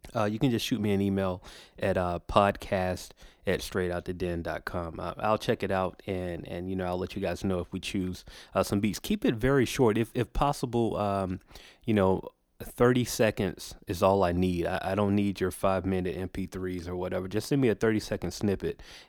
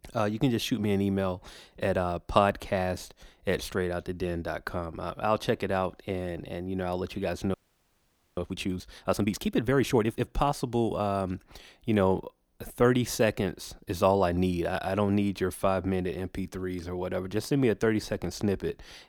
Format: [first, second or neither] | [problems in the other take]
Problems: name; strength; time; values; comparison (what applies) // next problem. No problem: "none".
first | audio freezing; at 7.5 s for 1 s